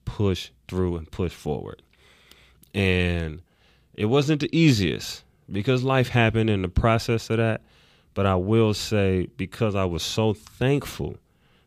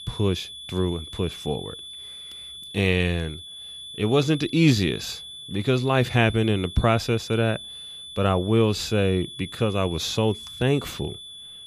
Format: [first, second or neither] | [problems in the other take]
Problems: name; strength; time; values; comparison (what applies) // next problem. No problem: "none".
first | high-pitched whine; noticeable; throughout; 3.5 kHz, 15 dB below the speech